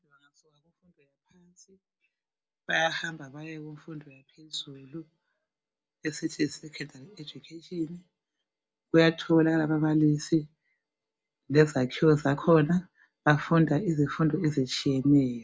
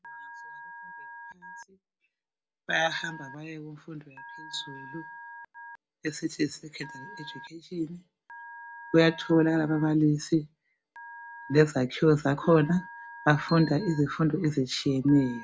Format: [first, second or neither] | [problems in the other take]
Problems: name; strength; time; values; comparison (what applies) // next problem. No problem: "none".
first | background sound (Bicycle bell + Telephone); 18 dB below the speech